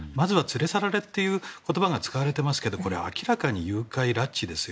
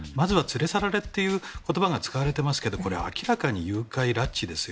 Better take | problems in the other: first | background sound (Drum kit); 17 dB below the speech

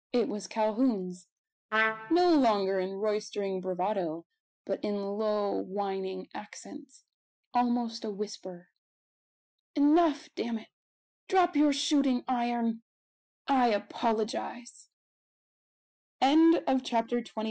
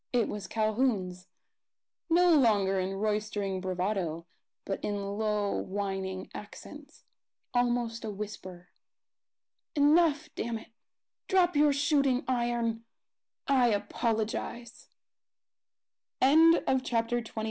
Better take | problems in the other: second | noise reduction (classical method Wiener filter)

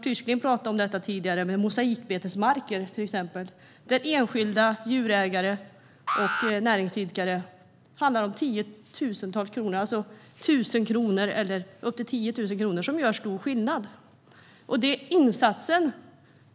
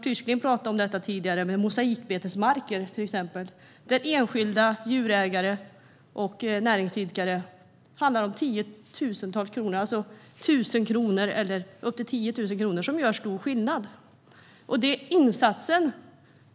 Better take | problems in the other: second | background sound (Alarm); 6 dB below the speech

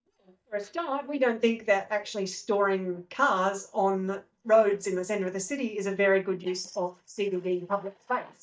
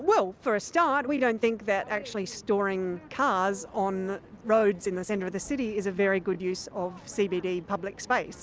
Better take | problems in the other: second | noise reduction (neural mask model DeepFilterNet 3)

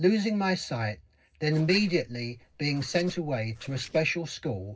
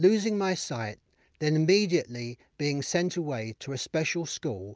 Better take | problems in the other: second | noise reduction (neural separator model SepFormer DNS4)

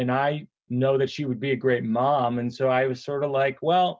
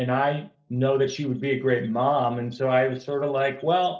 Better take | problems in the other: first | noise reduction (neural separator model SepFormer DNS4)

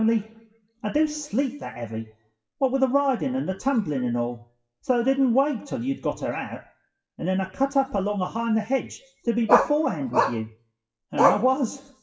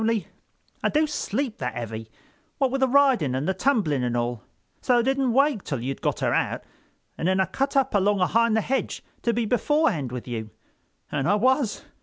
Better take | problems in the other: second | noise reduction (classical method WPE with log-MMSE)

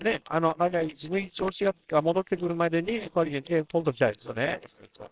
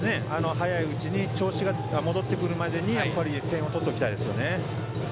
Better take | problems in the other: second | noise reduction (neural separator model SepFormer WHAMR!)

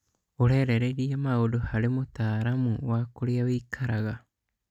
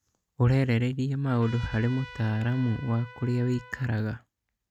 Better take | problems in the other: first | background sound (Trumpet); 19 dB below the speech

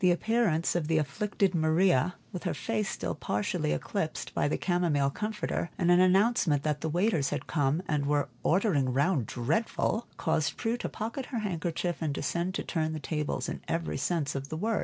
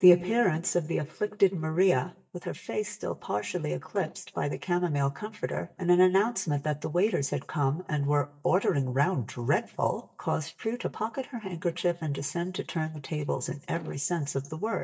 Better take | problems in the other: first | noise reduction (neural mask model DeepFilterNet 3)

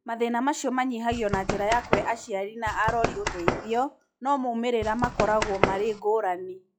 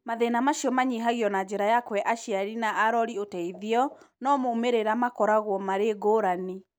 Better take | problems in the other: second | noise reduction (classical method log-MMSE)

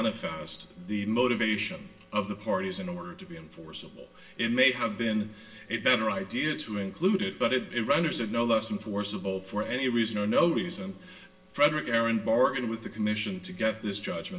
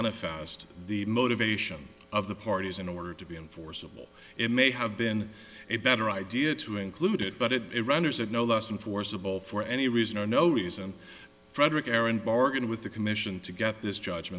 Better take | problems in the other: second | room echo; dies away in 0.5 s

